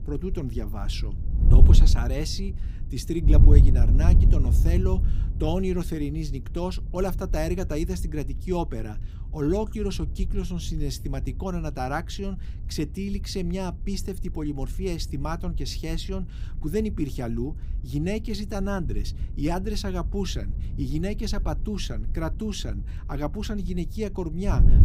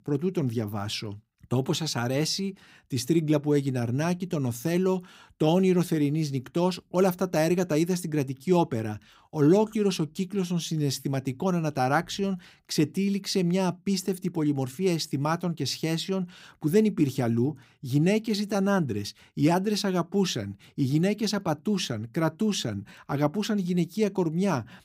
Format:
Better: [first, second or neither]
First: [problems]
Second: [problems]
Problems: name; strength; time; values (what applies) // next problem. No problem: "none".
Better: second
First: wind noise on the microphone; occasional gusts; 10 dB below the speech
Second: none